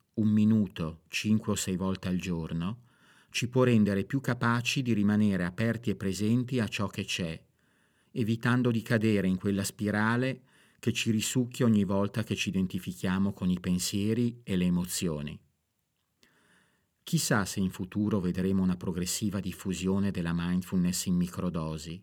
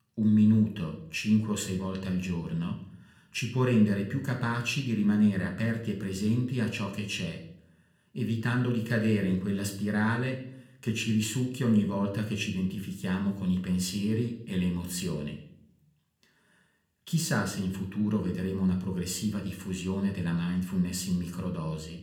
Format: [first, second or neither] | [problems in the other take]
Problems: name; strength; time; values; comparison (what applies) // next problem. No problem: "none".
first | room echo; slight; dies away in 0.5 s // off-mic speech; somewhat distant